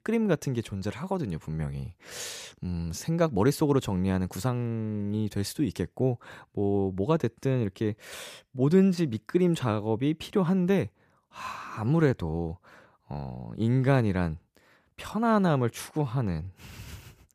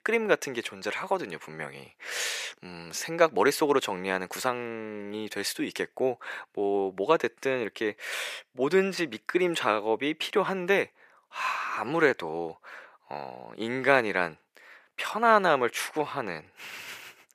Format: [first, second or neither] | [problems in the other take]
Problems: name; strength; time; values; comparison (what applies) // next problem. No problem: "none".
first | thin; very; fading below 500 Hz